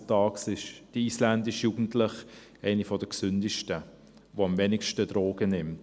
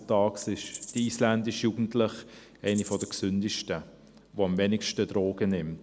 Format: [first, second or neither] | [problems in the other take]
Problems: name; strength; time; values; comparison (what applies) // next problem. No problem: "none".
first | background sound (Rattle (instrument)); 14 dB below the speech